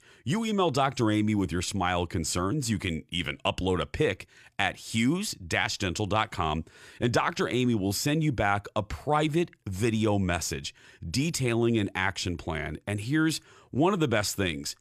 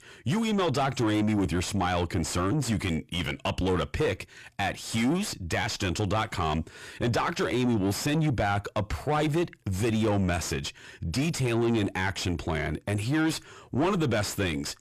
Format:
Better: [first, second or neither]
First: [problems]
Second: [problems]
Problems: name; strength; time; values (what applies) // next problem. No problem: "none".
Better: first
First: none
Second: distortion; heavy; 7 dB below the speech